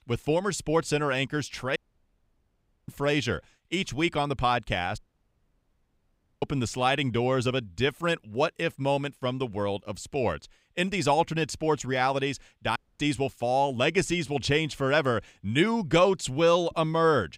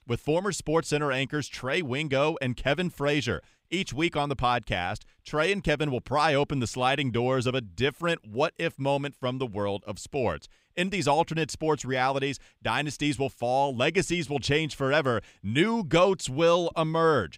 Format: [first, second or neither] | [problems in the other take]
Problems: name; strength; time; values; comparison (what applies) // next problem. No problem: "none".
second | audio cutting out; at 2 s for 1 s, at 5 s for 1.5 s and at 13 s